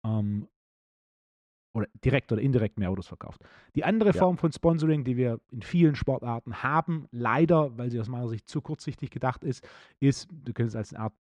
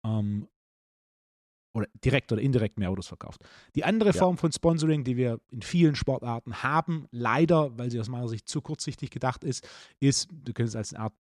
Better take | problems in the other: second | muffled; slightly; fading above 3.5 kHz

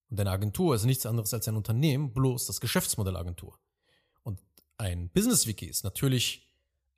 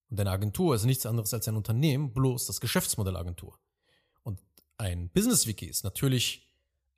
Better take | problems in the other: neither | none

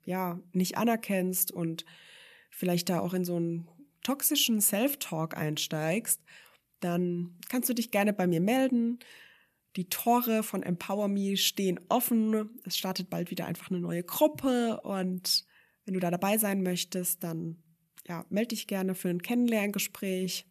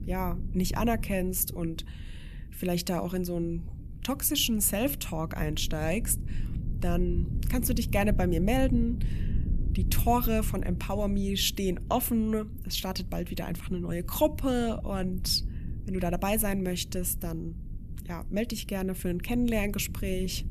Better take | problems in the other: first | low rumble; noticeable; throughout; 20 dB below the speech

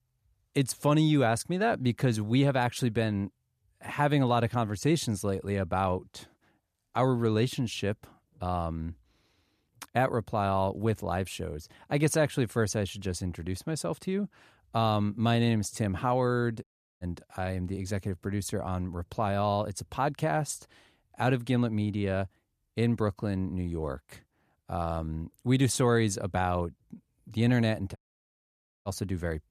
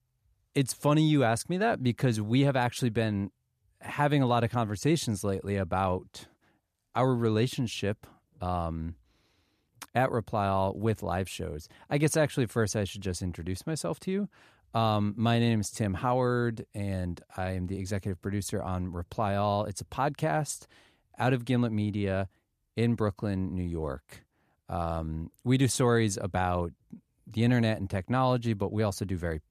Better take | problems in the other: second | audio cutting out; at 17 s and at 28 s for 1 s

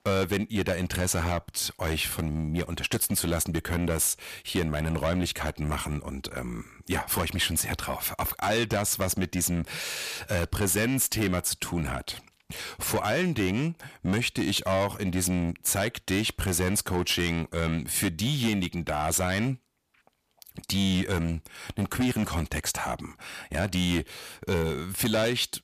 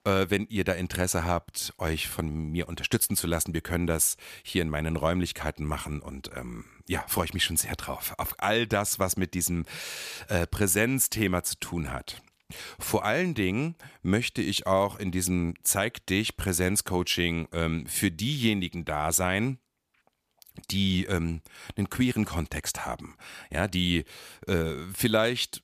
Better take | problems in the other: second | distortion; heavy; 8 dB below the speech

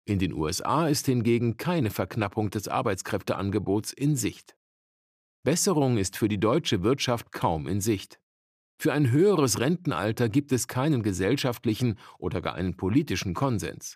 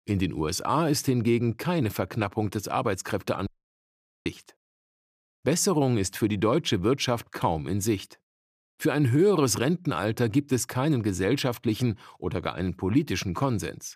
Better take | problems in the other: first | audio cutting out; at 3.5 s for 1 s

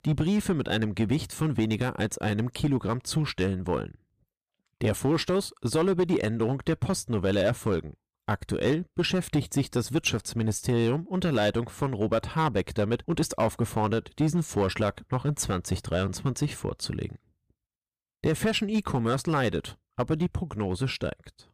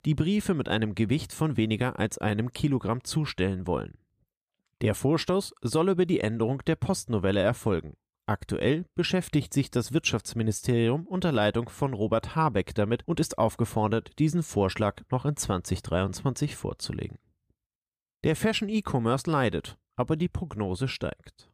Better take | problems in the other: second | distortion; slight; 4% of the sound clipped

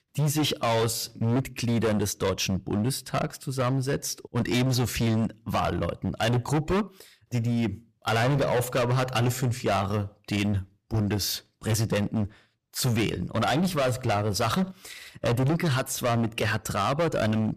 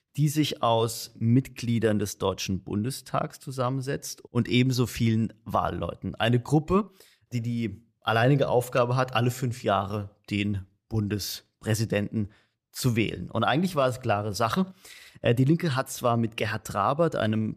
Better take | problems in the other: second | distortion; heavy; 19% of the sound clipped

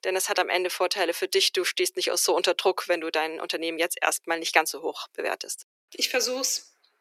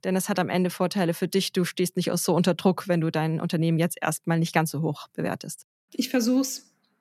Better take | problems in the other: second | thin; very; fading below 350 Hz

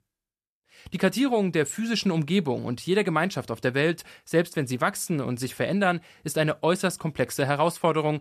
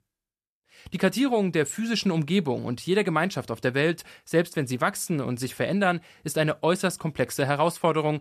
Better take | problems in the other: neither | none

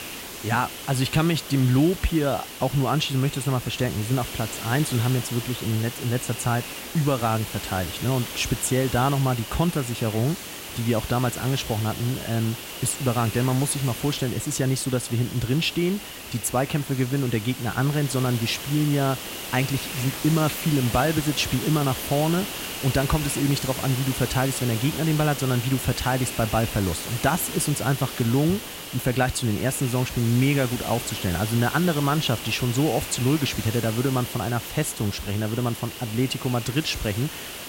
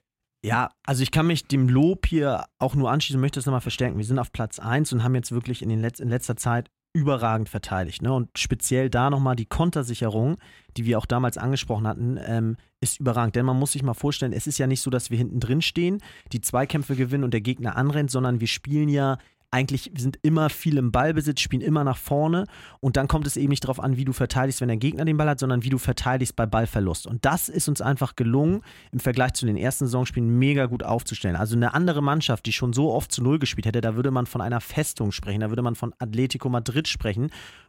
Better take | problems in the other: second | hiss; loud; throughout; 8 dB below the speech

